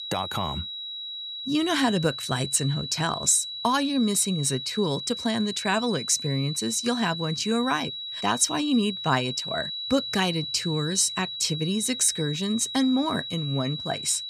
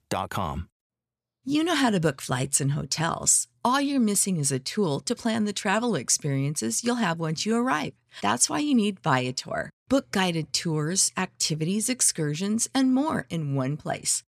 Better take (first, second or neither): second